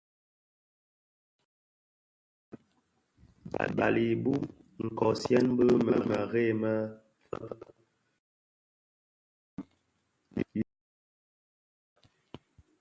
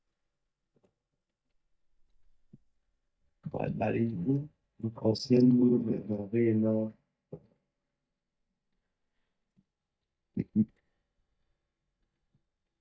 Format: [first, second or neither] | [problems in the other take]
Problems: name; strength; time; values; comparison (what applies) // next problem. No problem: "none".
first | noise reduction (neural mask model DeepFilterNet 3)